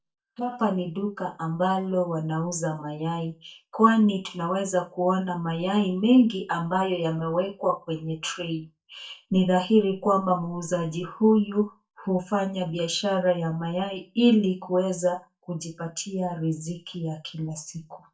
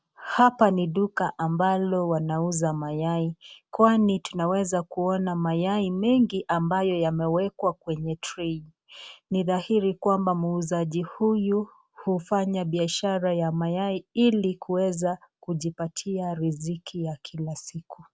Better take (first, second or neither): second